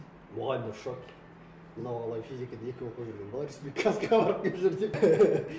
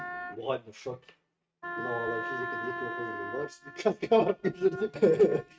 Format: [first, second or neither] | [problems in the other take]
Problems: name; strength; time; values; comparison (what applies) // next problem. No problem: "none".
first | noise reduction (neural mask model RNNoise)